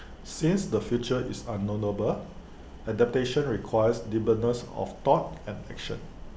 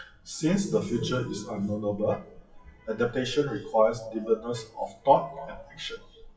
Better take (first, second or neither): first